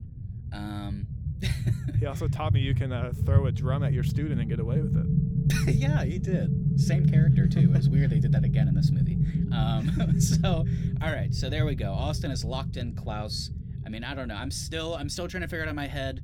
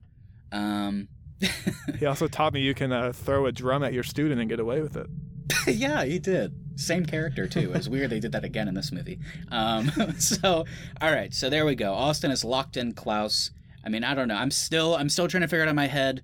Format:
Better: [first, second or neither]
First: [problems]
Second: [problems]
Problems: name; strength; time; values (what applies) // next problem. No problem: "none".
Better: second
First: low rumble; loud; throughout; 1 dB below the speech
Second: low rumble; faint; throughout; 25 dB below the speech